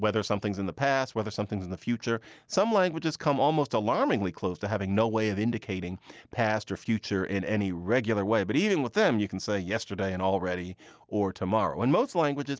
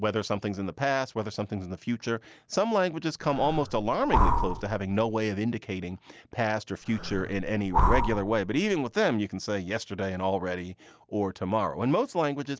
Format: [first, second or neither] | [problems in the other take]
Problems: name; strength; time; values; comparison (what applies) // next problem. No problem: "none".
first | background sound (Breathing); as loud as the speech